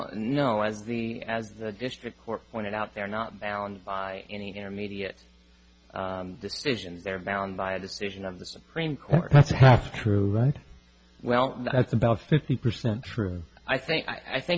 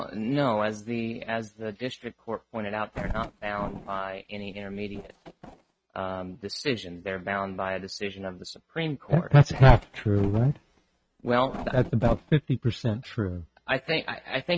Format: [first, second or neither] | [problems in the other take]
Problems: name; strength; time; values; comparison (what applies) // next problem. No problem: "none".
first | noise reduction (neural mask model RNNoise)